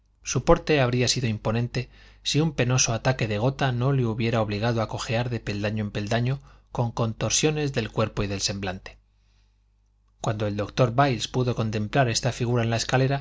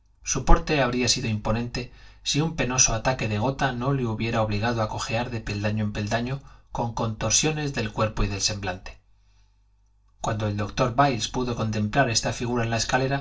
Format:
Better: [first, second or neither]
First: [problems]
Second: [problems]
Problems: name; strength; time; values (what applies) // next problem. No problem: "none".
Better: first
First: none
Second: room echo; dies away in 0.2 s